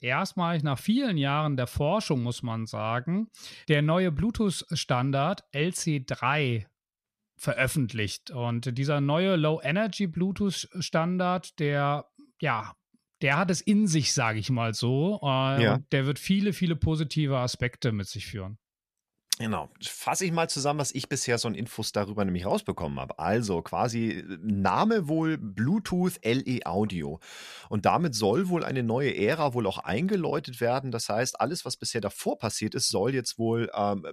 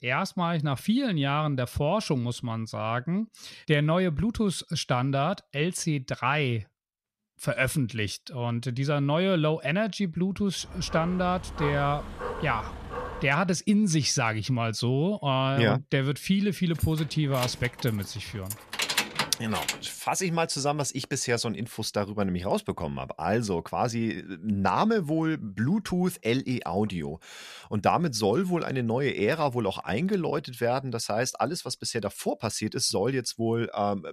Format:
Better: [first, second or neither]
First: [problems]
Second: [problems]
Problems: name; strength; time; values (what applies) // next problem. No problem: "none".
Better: first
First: none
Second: dog barking; noticeable; from 11 to 13 s; peak 7 dB below the speech // jangling keys; loud; from 17 to 20 s; peak 1 dB above the speech